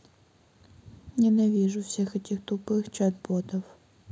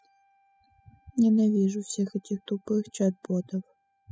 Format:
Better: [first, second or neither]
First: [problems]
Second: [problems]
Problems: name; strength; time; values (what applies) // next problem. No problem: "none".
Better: first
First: none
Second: noise reduction (classical method spectral subtraction)